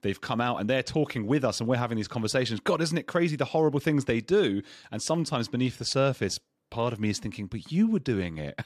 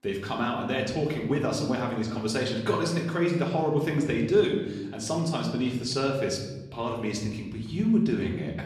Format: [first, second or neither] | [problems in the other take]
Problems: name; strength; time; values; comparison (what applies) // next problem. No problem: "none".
first | room echo; slight; dies away in 1 s // off-mic speech; somewhat distant